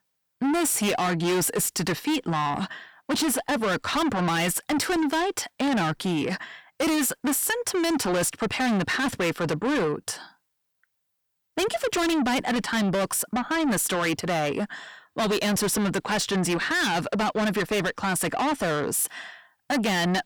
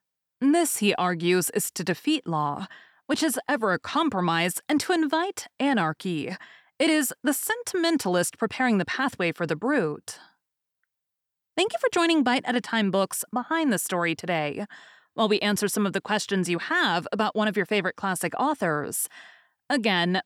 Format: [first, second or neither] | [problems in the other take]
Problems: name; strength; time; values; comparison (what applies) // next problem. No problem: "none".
second | distortion; heavy; 6 dB below the speech